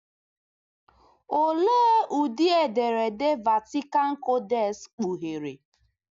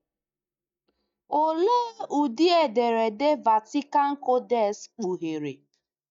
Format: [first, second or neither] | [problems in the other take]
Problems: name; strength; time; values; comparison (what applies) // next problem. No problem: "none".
first | noise reduction (neural mask model DeepFilterNet 3)